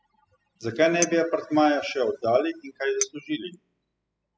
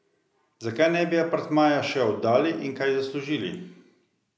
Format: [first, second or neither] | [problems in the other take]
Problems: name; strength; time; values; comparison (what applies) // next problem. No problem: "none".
second | noise reduction (classical method spectral subtraction)